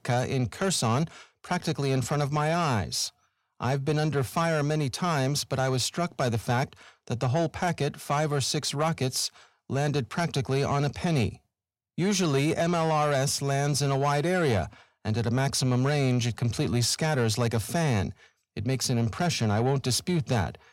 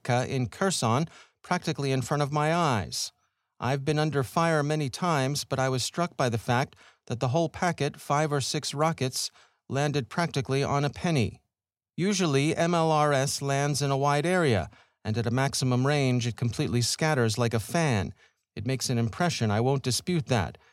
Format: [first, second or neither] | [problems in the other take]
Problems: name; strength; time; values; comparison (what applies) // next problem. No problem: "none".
second | distortion; slight; 10 dB below the speech